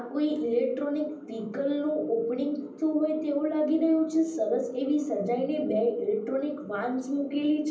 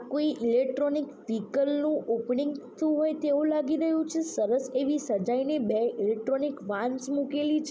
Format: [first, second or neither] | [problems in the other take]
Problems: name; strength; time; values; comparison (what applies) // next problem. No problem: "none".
second | room echo; dies away in 0.6 s